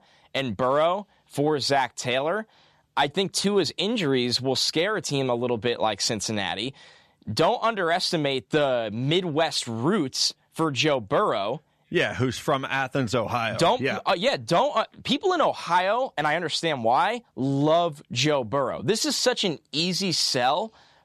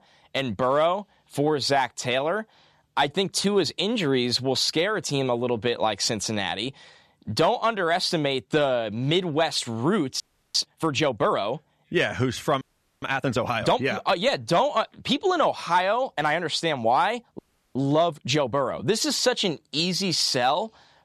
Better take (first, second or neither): first